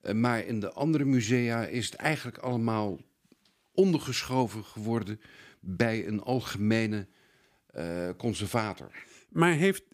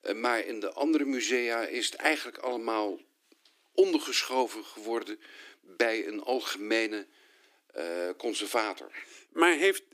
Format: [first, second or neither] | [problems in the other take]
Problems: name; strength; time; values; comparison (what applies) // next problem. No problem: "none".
first | thin; somewhat; fading below 300 Hz